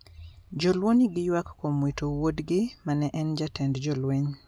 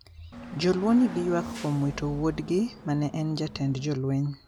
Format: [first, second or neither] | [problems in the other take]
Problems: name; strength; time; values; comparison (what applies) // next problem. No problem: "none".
first | background sound (Hiss / Bus / Engine); 13 dB below the speech